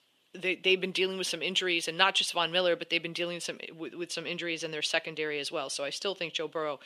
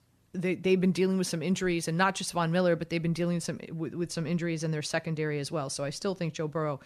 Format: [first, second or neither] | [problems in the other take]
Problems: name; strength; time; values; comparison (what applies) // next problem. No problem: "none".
second | thin; somewhat; fading below 400 Hz